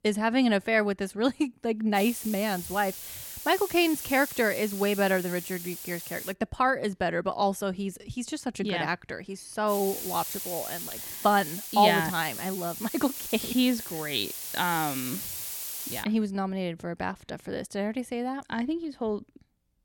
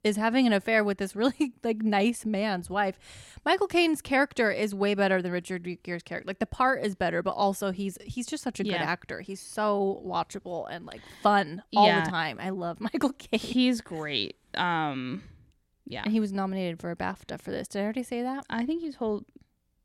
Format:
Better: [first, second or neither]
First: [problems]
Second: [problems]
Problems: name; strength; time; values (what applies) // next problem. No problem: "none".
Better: second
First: hiss; loud; from 2 to 6.5 s and from 9.5 to 16 s; 7 dB below the speech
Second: none